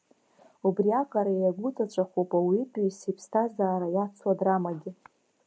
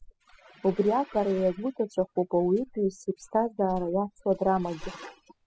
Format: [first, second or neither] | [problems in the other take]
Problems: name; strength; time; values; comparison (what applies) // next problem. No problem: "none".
first | noise reduction (classical method spectral subtraction)